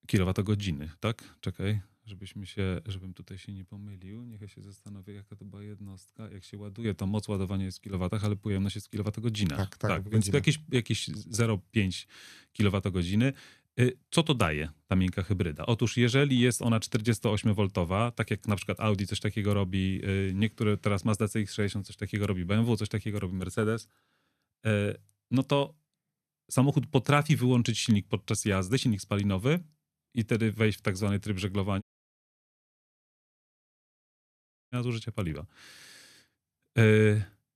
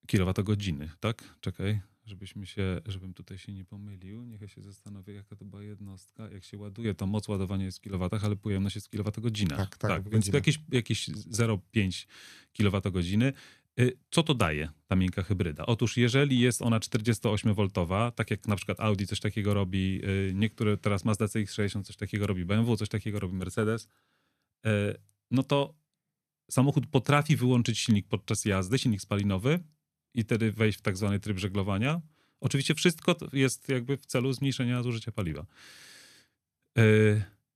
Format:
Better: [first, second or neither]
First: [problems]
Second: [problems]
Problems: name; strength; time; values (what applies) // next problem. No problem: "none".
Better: second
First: audio cutting out; at 32 s for 3 s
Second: none